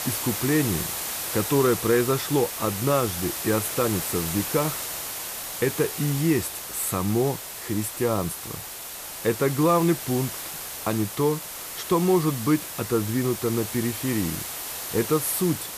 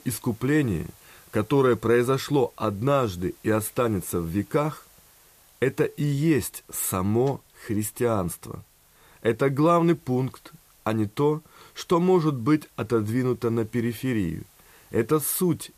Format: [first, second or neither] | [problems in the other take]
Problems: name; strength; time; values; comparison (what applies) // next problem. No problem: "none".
second | hiss; loud; throughout; 5 dB below the speech; faint in the second